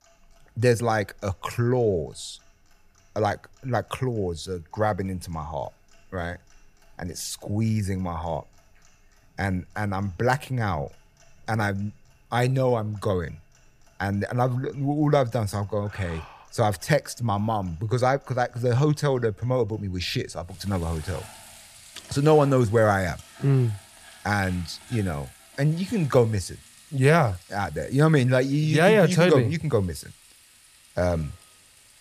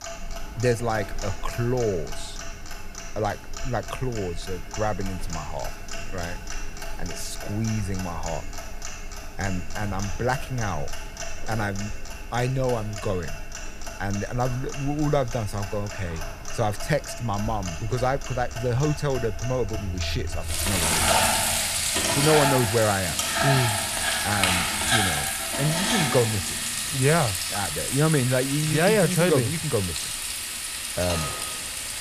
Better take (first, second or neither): first